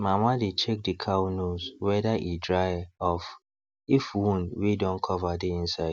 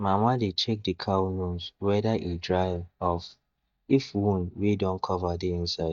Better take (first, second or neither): first